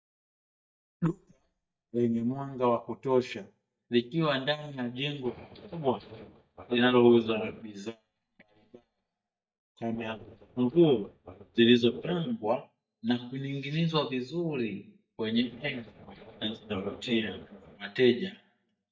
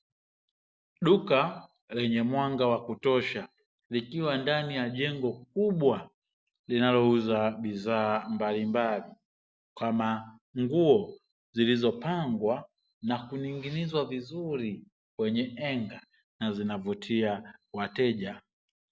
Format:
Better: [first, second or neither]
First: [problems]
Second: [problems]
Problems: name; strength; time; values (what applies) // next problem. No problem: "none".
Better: second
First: noise reduction (neural mask model DeepFilterNet 3)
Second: none